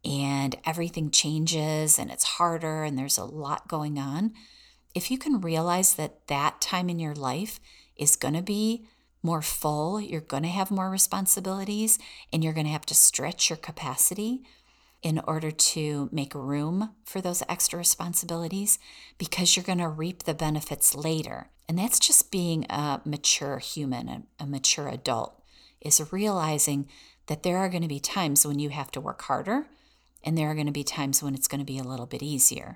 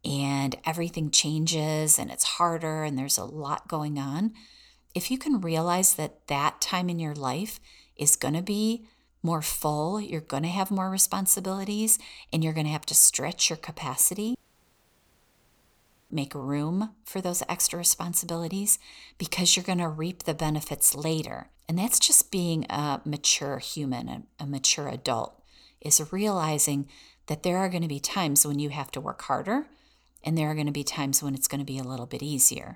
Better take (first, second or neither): first